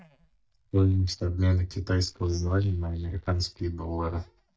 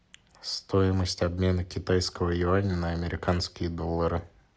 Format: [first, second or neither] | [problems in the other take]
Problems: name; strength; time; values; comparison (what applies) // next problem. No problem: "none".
second | noise reduction (neural mask model DeepFilterNet 3)